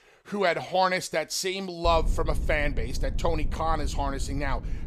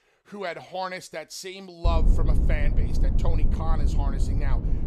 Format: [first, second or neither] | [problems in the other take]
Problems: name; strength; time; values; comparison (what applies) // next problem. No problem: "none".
first | low rumble; loud; from 2 s on; 6 dB below the speech; faint in the first